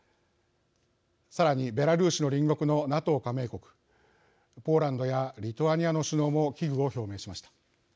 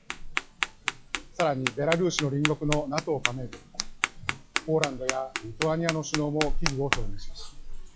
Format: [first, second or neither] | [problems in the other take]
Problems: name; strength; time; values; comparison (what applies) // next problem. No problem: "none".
first | noise reduction (classical method log-MMSE)